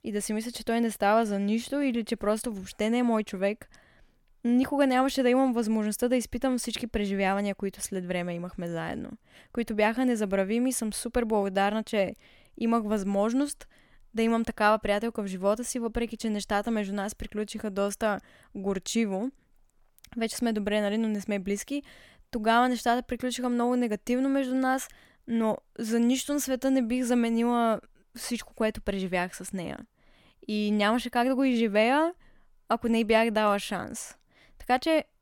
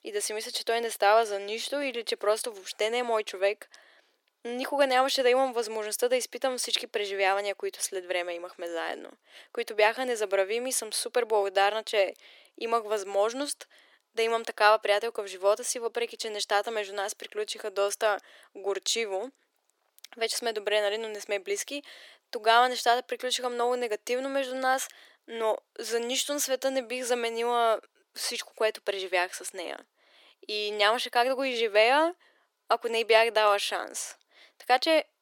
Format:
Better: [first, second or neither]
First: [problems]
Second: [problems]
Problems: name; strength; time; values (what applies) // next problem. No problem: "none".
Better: first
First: none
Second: thin; very; fading below 350 Hz